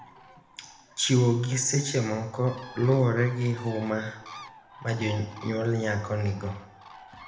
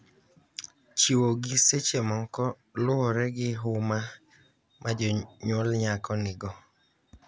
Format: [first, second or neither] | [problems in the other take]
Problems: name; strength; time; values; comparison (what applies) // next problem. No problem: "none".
second | background sound (Bird); 20 dB below the speech // room echo; dies away in 0.9 s